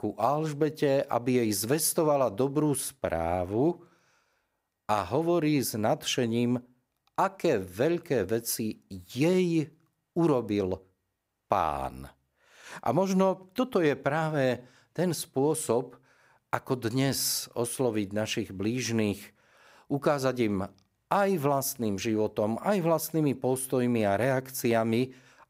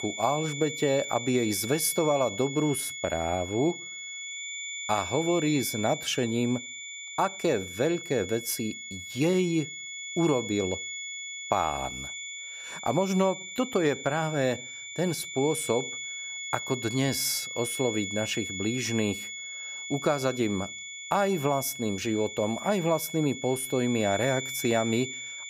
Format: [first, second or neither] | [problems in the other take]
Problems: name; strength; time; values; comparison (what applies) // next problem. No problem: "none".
first | high-pitched whine; loud; throughout; 2 kHz, 7 dB below the speech